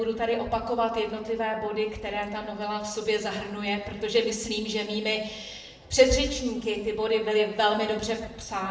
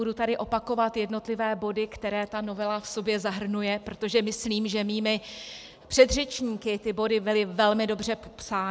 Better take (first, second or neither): second